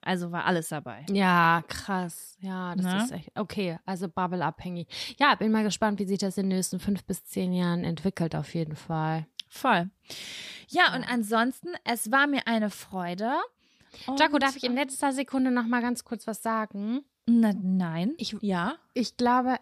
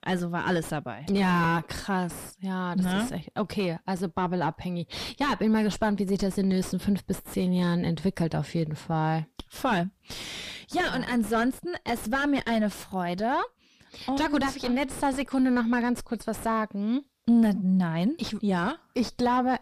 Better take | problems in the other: first | distortion; heavy; 6 dB below the speech

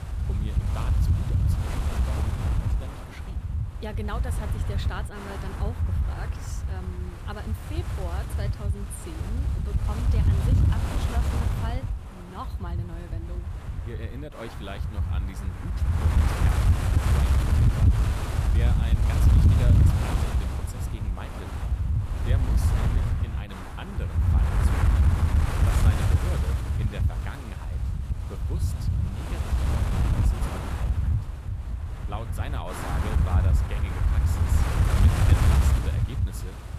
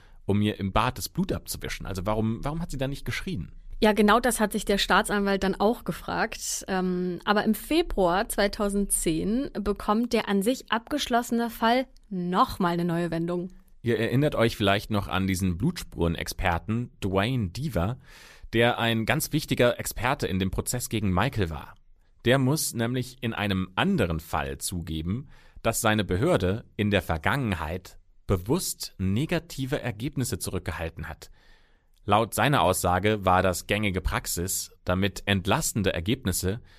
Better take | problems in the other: second | wind noise on the microphone; heavy; 5 dB above the speech

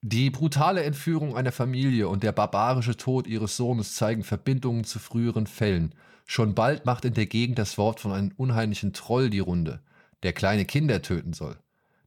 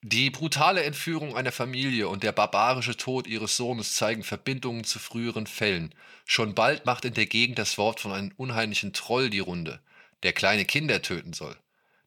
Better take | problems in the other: first | thin; somewhat; fading below 450 Hz

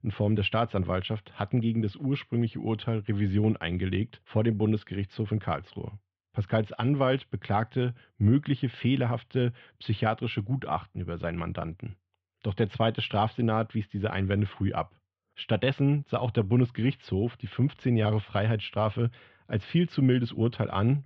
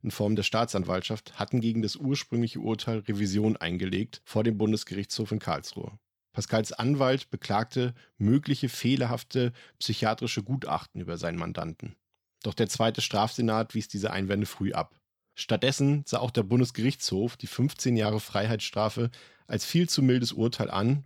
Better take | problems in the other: second | muffled; very; fading above 3 kHz

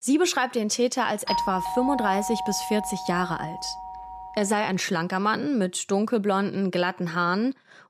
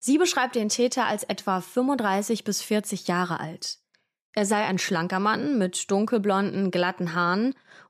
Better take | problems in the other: second | doorbell; noticeable; from 1.5 to 4.5 s; peak 1 dB below the speech

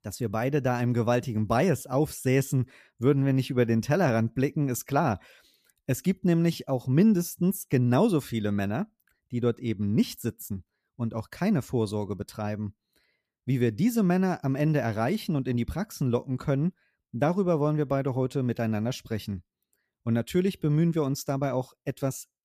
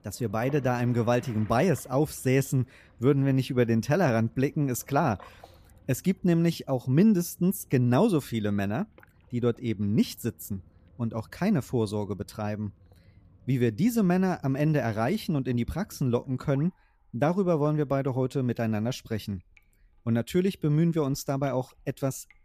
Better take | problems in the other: first | rain or running water; faint; throughout; 30 dB below the speech

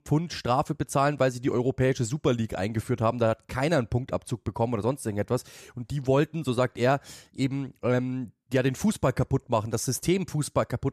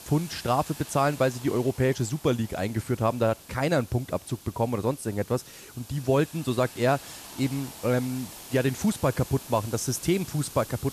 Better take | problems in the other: first | hiss; noticeable; throughout; 15 dB below the speech

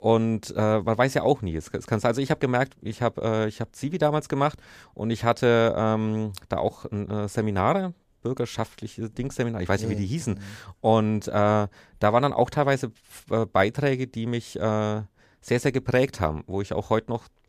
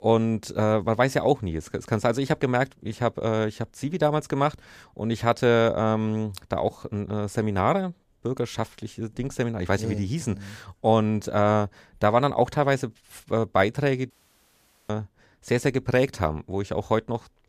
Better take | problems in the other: first | audio cutting out; at 14 s for 1 s

